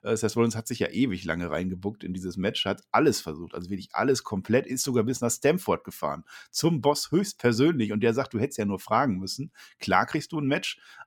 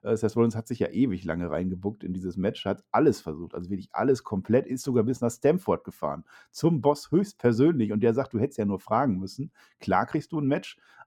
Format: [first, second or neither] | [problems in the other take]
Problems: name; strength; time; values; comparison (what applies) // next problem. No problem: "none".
first | muffled; slightly; fading above 1.5 kHz